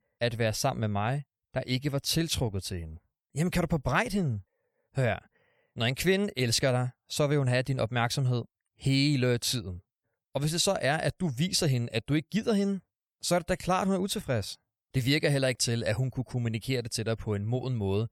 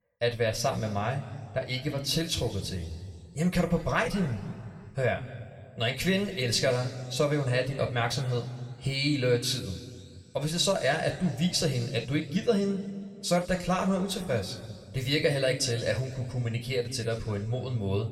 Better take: first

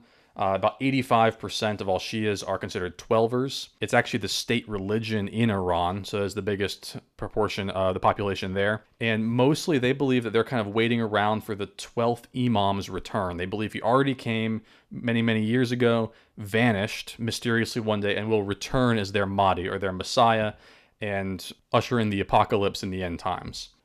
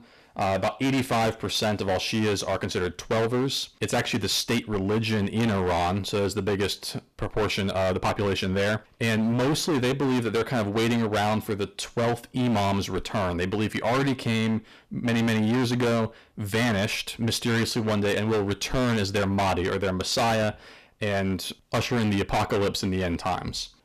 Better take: first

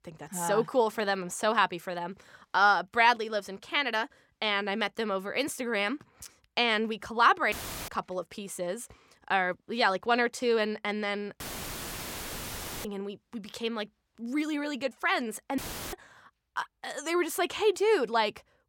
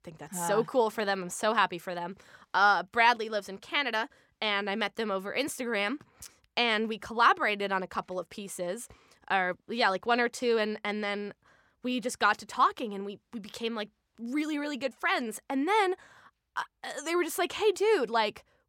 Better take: second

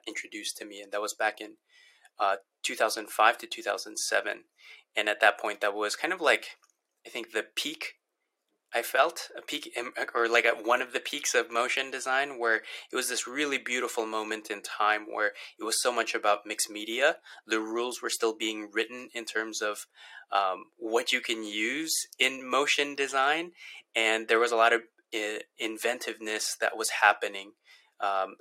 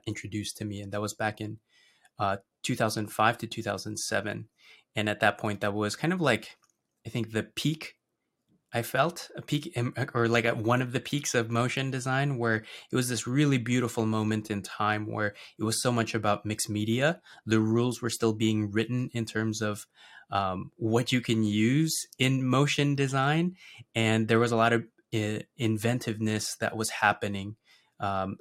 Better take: second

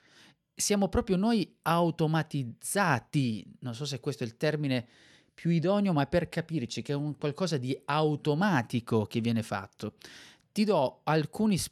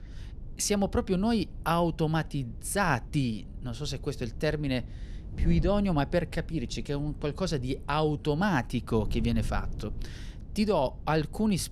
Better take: first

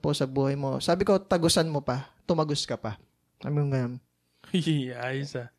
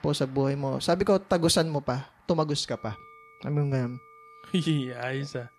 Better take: first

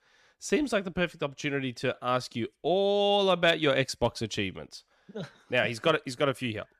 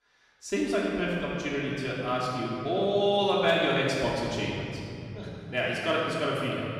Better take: first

